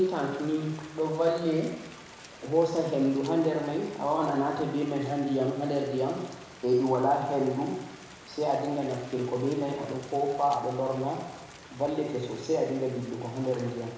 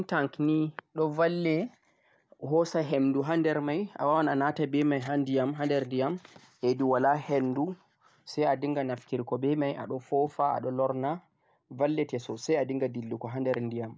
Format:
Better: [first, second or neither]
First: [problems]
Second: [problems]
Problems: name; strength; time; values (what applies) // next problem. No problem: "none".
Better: second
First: background sound (Rain); 19 dB below the speech // room echo; dies away in 1 s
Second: none